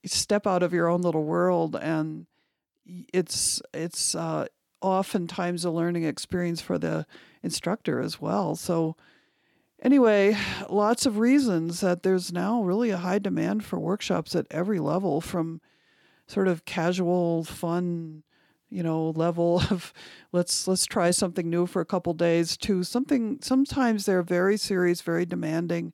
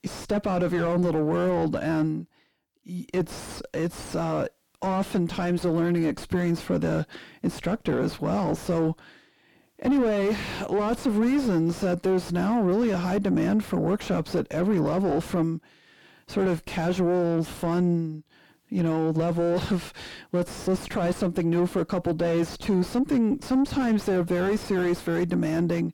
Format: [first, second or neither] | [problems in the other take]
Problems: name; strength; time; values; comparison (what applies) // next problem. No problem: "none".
first | distortion; heavy; 5 dB below the speech